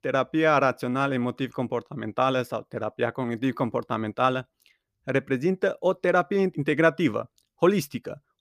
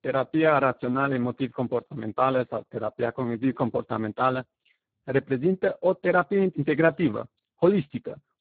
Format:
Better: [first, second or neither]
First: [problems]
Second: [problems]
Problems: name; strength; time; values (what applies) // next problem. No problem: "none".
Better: first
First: none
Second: garbled, watery; badly